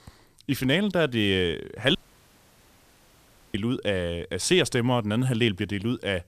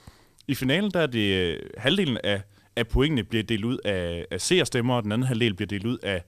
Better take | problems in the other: second | audio cutting out; at 2 s for 1.5 s

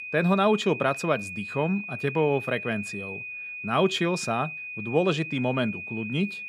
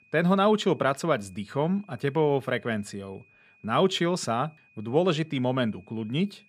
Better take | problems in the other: second | high-pitched whine; loud; throughout; 2.5 kHz, 8 dB below the speech; faint in the second

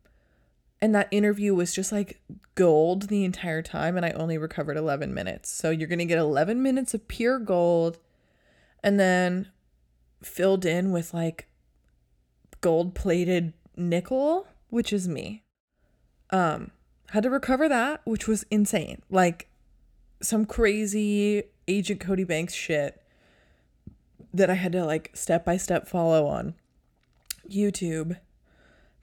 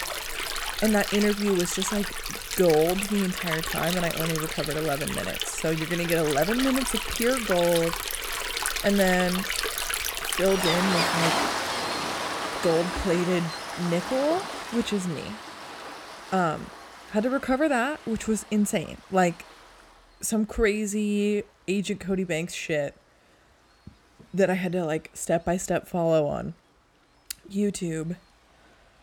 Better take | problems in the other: first | rain or running water; loud; throughout; 3 dB below the speech

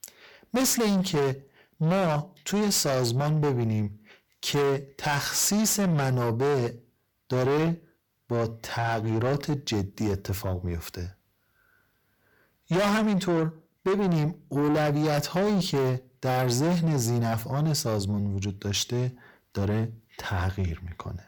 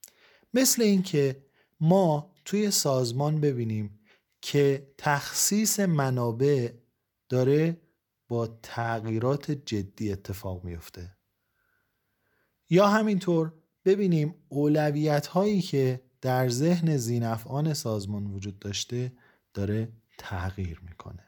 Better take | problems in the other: second | distortion; heavy; 6 dB below the speech

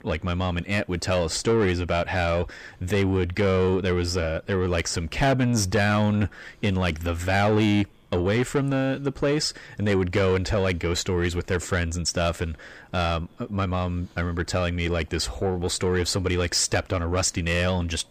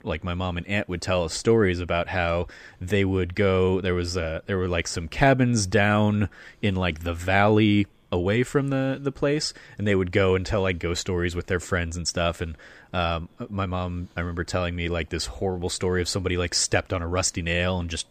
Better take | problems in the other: second | distortion; slight; 10 dB below the speech

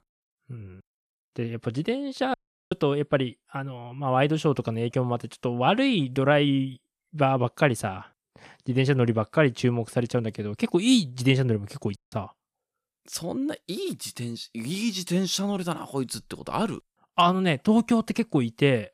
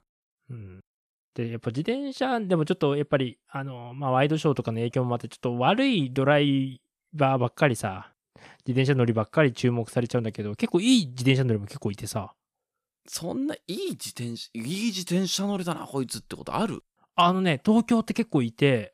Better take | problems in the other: second | audio cutting out; at 2.5 s and at 12 s

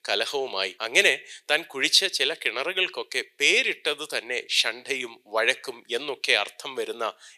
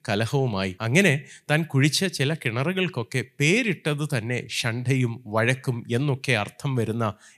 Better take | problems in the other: second | thin; very; fading below 400 Hz

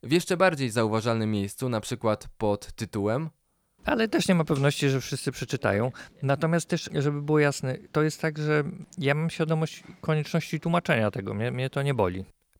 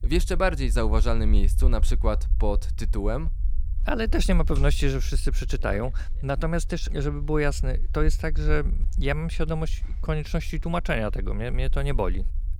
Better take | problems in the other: first | low rumble; faint; throughout; 20 dB below the speech

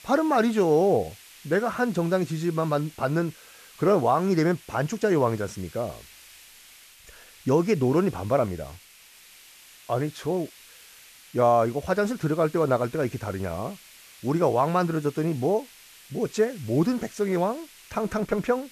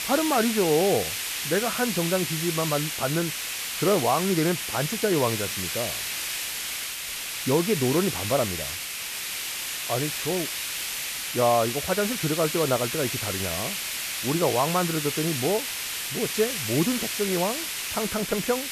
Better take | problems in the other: first | hiss; loud; throughout; 2 dB below the speech; faint in the first

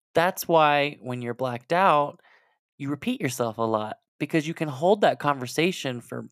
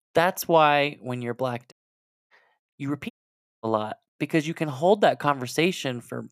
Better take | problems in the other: first | audio cutting out; at 1.5 s for 0.5 s and at 3 s for 0.5 s

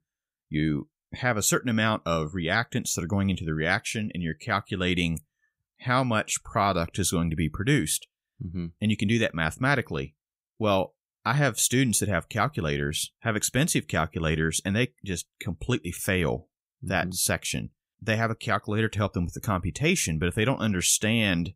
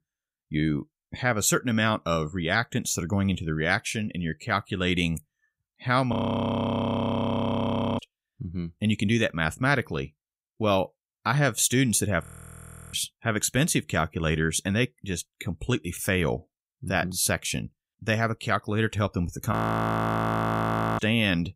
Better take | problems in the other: first | audio freezing; at 6 s for 2 s, at 12 s for 0.5 s and at 20 s for 1.5 s

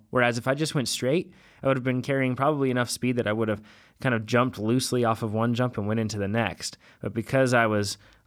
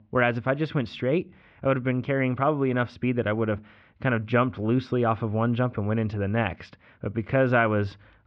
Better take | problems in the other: first | muffled; very; fading above 3 kHz

